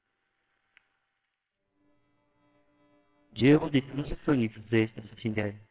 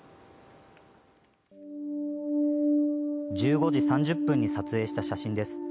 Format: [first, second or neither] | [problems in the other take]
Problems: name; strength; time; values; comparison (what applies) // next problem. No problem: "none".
second | noise reduction (neural separator model SepFormer WHAMR!)